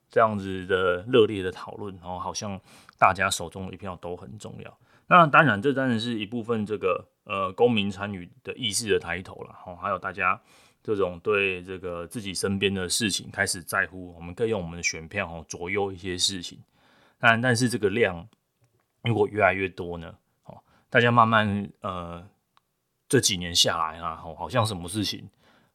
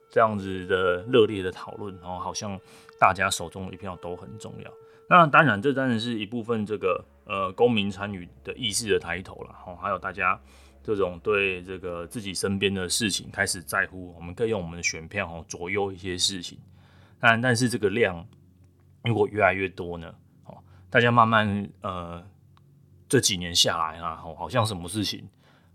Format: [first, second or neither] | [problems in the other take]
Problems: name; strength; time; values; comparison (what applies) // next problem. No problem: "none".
first | background music; faint; throughout; 30 dB below the speech